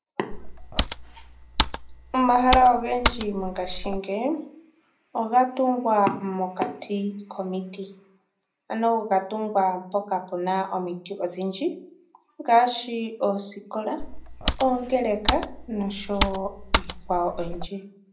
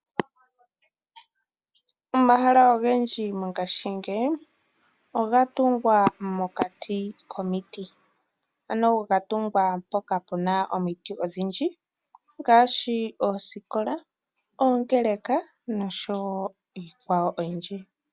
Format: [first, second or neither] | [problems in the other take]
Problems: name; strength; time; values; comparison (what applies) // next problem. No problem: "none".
second | background sound (Computer keyboard); 3 dB below the speech // room echo; dies away in 0.5 s